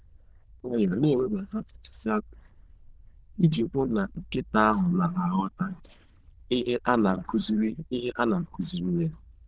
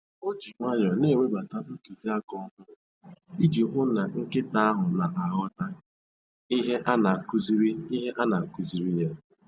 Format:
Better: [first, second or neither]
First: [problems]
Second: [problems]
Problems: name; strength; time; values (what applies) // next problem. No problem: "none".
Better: second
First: noise reduction (neural diffusion model UNIVERSE++)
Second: none